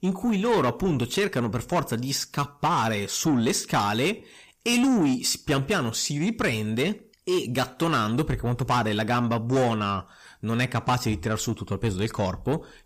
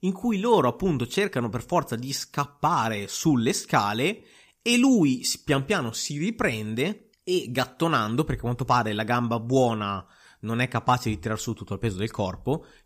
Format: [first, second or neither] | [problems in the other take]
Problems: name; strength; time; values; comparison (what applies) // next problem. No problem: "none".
second | distortion; slight; 10 dB below the speech